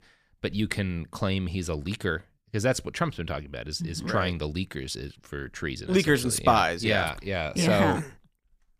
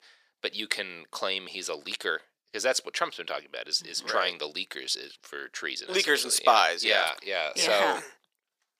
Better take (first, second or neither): first